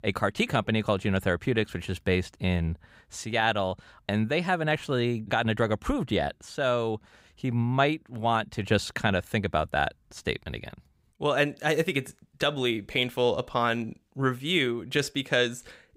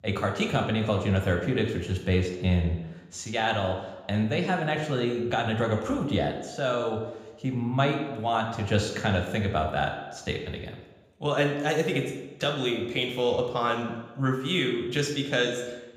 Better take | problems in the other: first | room echo; noticeable; dies away in 0.9 s // off-mic speech; somewhat distant

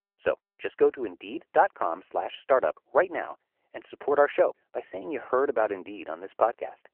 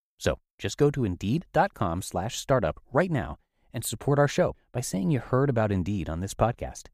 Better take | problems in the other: second | phone-call audio

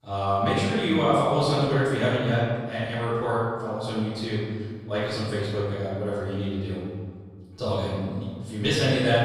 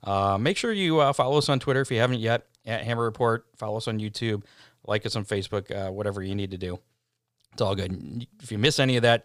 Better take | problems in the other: second | room echo; strong; dies away in 1.9 s // off-mic speech; far

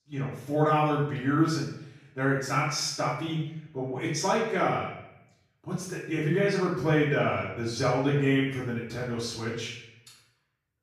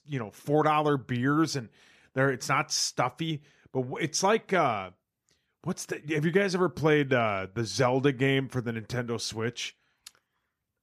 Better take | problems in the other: second | off-mic speech; far // room echo; noticeable; dies away in 0.7 s

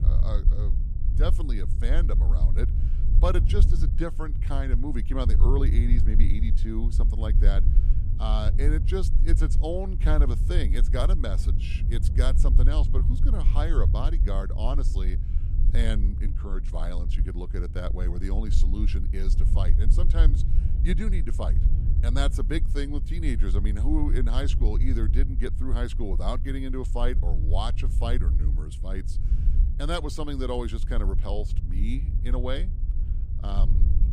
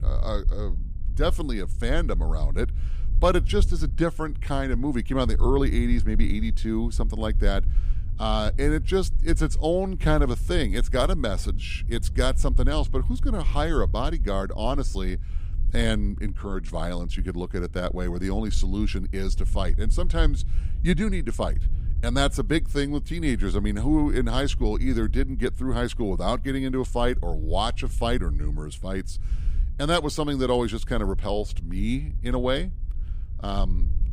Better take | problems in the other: second | low rumble; loud; throughout; 9 dB below the speech; faint in the second

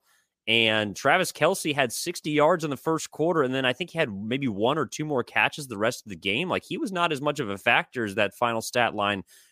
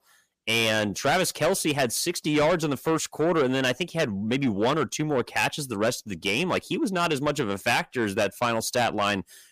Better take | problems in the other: first | distortion; heavy; 6 dB below the speech

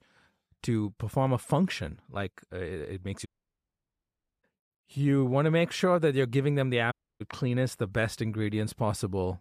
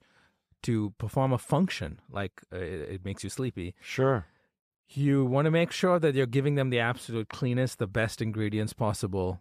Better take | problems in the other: second | audio cutting out; at 3.5 s for 1 s and at 7 s

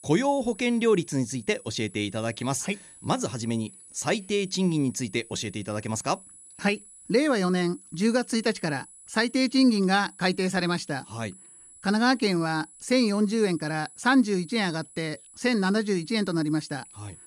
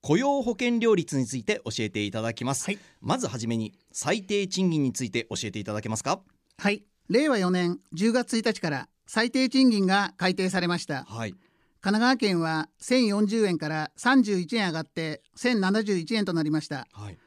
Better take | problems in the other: second | high-pitched whine; faint; throughout; 10.5 kHz, 20 dB below the speech

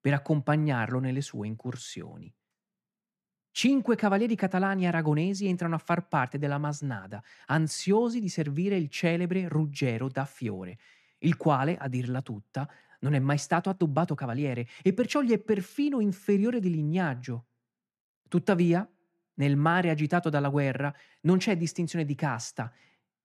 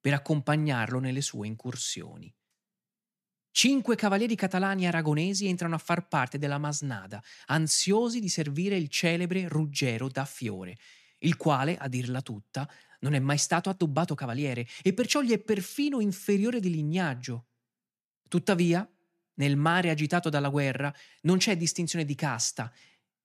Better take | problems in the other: second | muffled; slightly; fading above 2.5 kHz

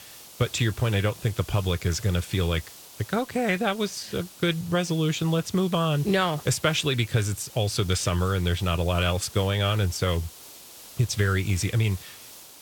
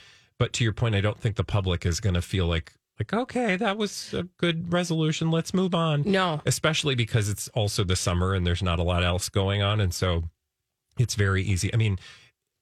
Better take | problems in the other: second | hiss; noticeable; throughout; 20 dB below the speech

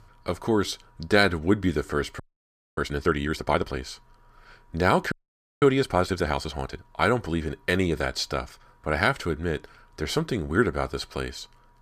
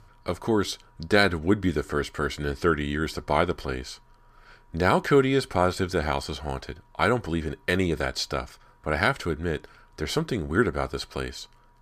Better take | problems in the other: second | audio freezing; at 2 s for 0.5 s and at 5 s for 0.5 s

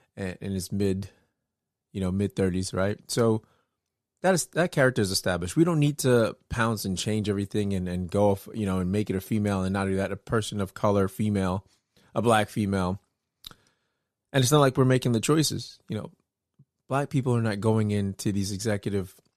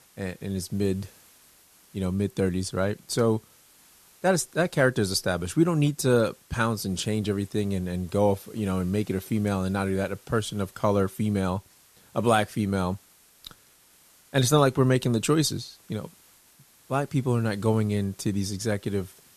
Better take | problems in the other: first | hiss; faint; throughout; 30 dB below the speech

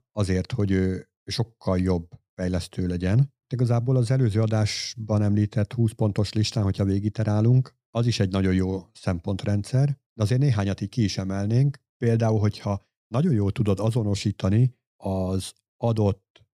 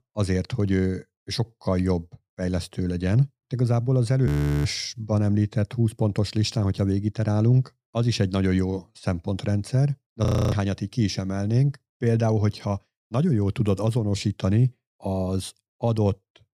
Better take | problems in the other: first | audio freezing; at 4.5 s and at 10 s

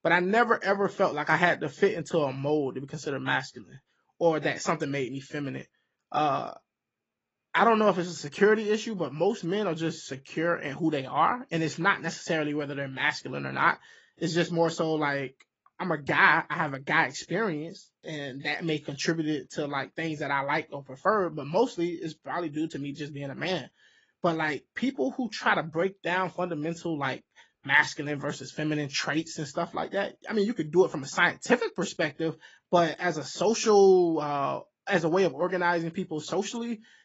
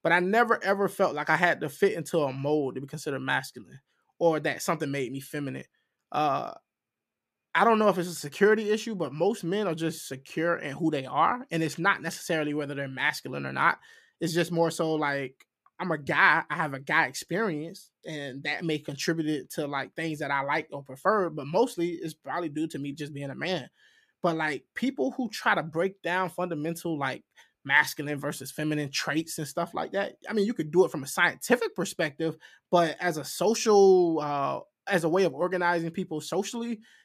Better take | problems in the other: second | garbled, watery; badly; nothing above 7.5 kHz

